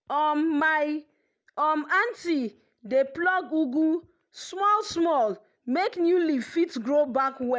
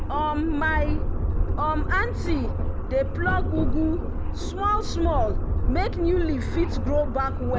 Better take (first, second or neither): first